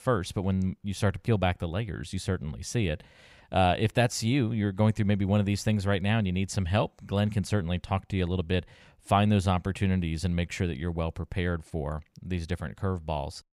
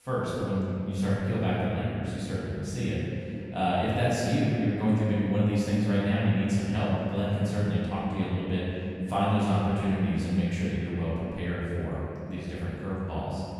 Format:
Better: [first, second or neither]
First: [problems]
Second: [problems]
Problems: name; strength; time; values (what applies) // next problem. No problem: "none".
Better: first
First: none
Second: room echo; strong; dies away in 2.9 s // off-mic speech; far